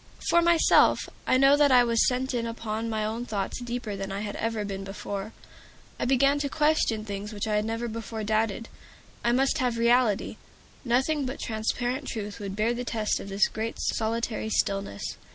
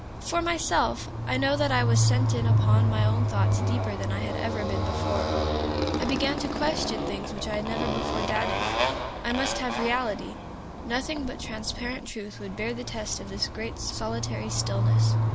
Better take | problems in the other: first | background sound (Motorcycle); 4 dB above the speech

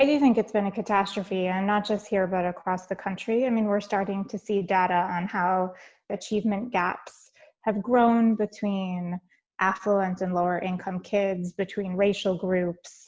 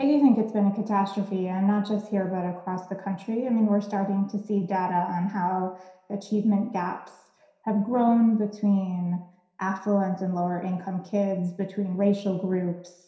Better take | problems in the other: first | room echo; dies away in 0.7 s

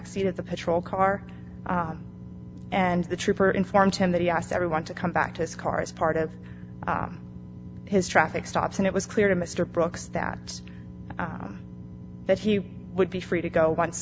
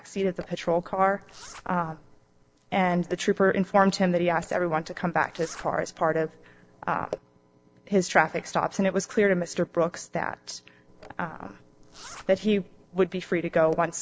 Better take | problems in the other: first | noise reduction (neural separator model SepFormer DNS4)

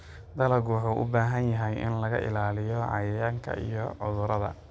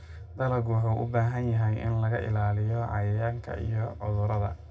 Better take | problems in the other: first | room echo; dies away in 0.2 s

